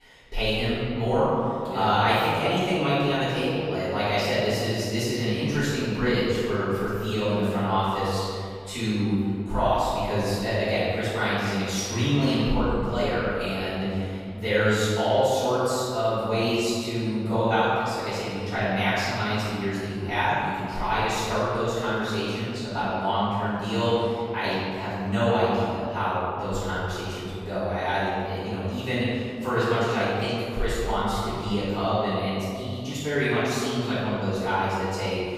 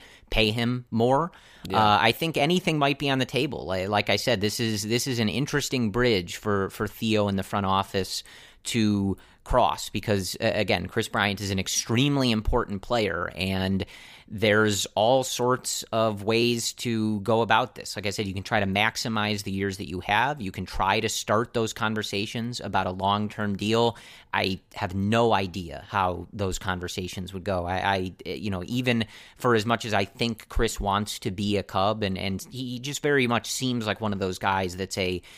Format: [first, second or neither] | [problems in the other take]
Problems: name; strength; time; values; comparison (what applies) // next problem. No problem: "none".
second | off-mic speech; far // room echo; strong; dies away in 2.2 s